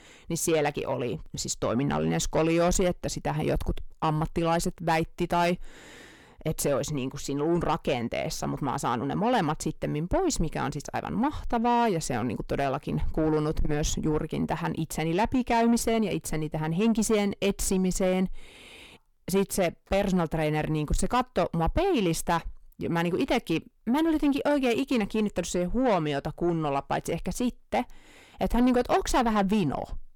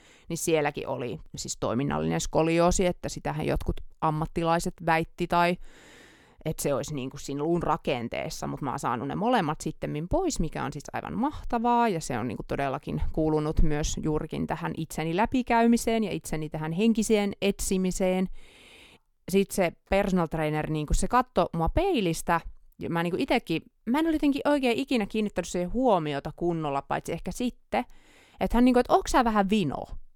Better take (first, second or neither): second